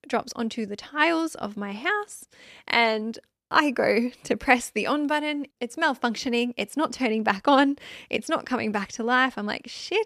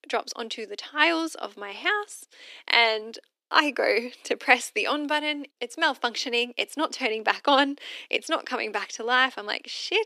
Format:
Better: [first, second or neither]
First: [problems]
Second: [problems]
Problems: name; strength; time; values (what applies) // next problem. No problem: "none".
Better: first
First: none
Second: thin; very slightly; fading below 300 Hz